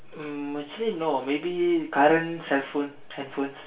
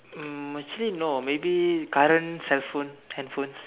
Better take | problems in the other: second | room echo; dies away in 0.3 s

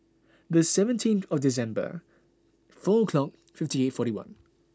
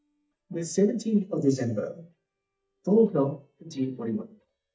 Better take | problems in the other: first | noise reduction (neural mask model DeepFilterNet 3)

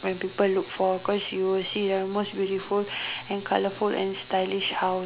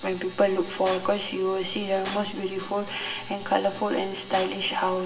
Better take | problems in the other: first | background sound (Shatter); 14 dB below the speech // room echo; dies away in 1.3 s

